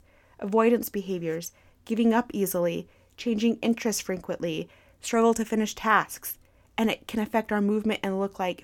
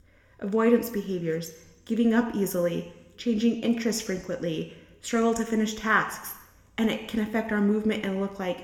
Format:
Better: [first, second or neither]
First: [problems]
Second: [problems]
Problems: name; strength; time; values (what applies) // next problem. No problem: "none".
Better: first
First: none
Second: room echo; very slight; dies away in 0.8 s